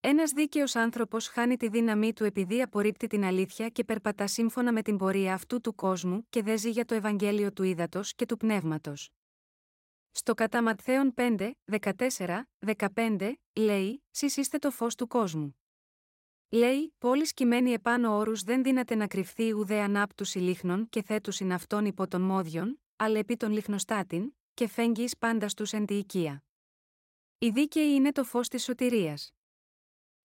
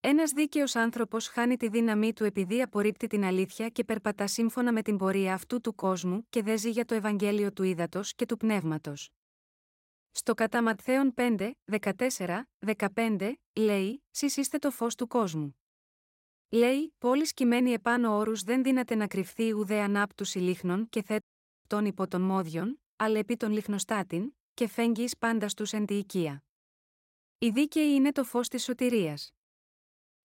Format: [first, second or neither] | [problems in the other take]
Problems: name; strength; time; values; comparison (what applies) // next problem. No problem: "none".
first | audio cutting out; at 21 s